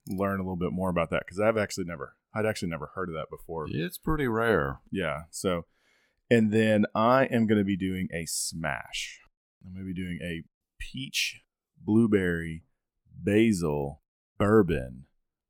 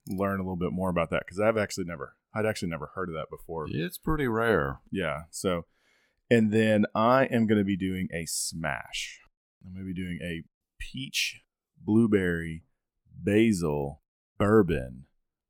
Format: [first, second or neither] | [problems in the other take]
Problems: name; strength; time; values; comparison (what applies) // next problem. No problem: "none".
neither | none